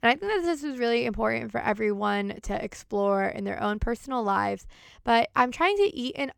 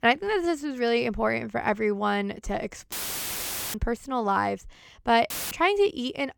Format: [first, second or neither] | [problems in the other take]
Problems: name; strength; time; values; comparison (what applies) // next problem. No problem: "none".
first | audio cutting out; filled with static; at 3 s for 1 s and at 5.5 s